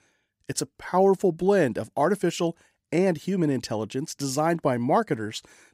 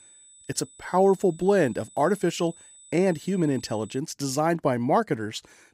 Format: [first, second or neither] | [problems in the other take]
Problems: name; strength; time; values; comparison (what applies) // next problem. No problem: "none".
first | high-pitched whine; faint; until 4 s; 8 kHz, 25 dB below the speech